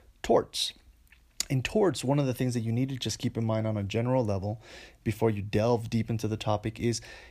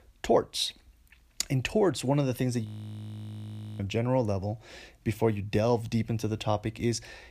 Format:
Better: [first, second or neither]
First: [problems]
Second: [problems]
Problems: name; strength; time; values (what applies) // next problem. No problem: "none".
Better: first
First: none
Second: audio freezing; at 2.5 s for 1 s